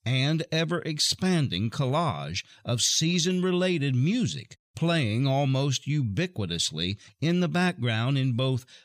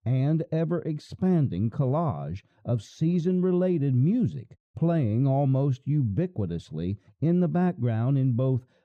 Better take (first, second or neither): first